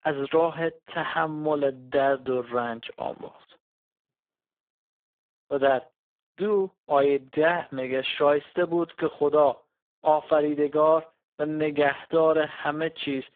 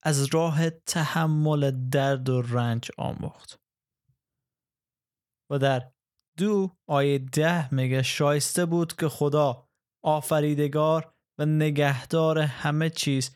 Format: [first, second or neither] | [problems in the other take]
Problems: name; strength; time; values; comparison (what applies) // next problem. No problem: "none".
second | phone-call audio; poor line